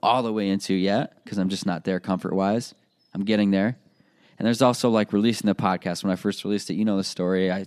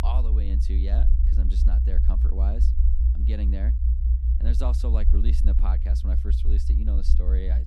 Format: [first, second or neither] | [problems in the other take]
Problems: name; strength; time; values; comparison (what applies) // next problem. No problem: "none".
first | low rumble; loud; throughout; 2 dB below the speech